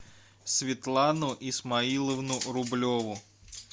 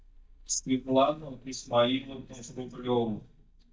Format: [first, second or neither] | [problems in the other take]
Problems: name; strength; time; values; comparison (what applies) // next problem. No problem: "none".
first | noise reduction (neural mask model DeepFilterNet 3)